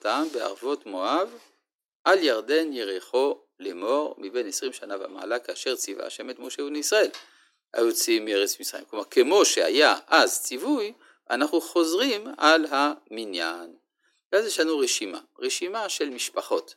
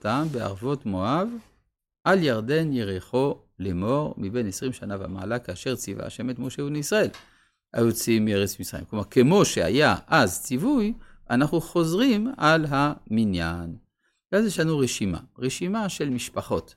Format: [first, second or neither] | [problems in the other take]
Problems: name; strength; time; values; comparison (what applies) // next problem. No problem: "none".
second | thin; somewhat; fading below 300 Hz